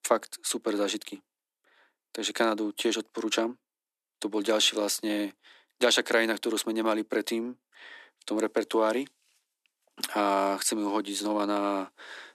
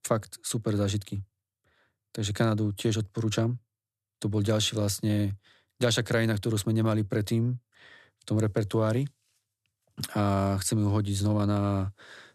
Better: second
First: thin; somewhat; fading below 250 Hz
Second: none

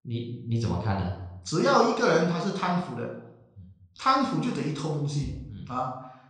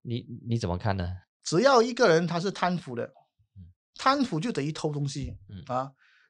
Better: second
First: off-mic speech; somewhat distant // room echo; noticeable; dies away in 0.6 s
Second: none

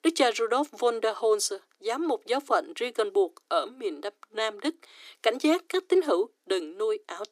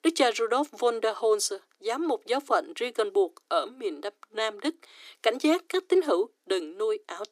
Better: neither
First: thin; somewhat; fading below 300 Hz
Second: thin; somewhat; fading below 300 Hz

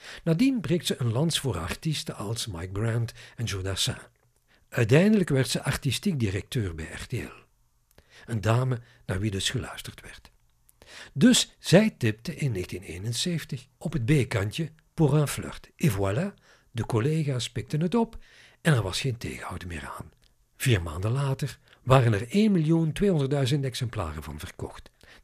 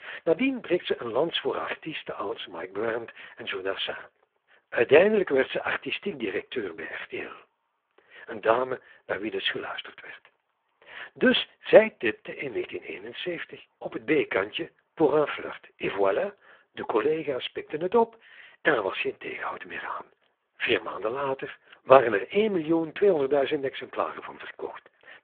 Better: first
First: none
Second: phone-call audio; poor line; nothing above 3.5 kHz

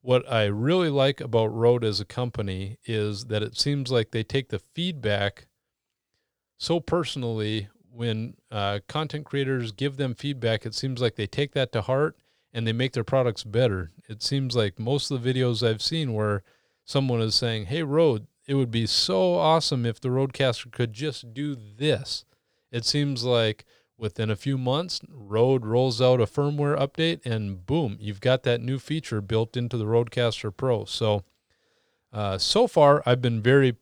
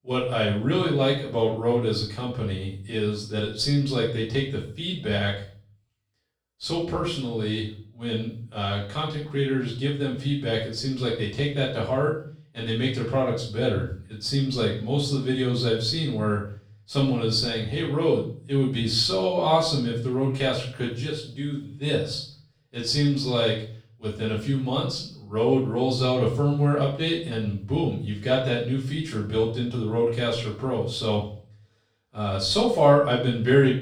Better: first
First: none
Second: off-mic speech; far // room echo; noticeable; dies away in 0.4 s

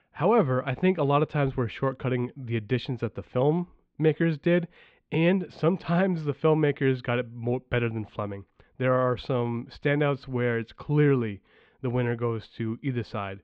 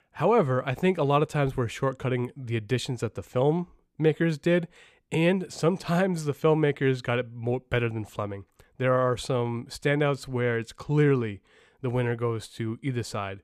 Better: second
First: muffled; slightly; fading above 3.5 kHz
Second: none

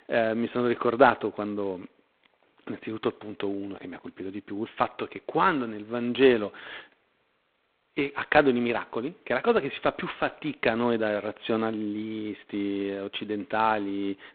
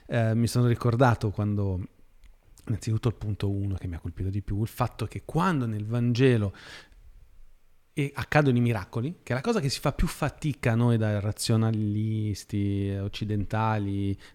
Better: second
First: phone-call audio; poor line; nothing above 4 kHz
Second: none

